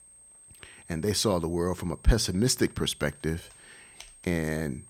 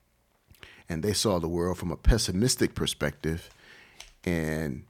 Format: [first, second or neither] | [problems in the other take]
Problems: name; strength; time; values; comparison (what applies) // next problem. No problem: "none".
second | high-pitched whine; faint; throughout; 8.5 kHz, 20 dB below the speech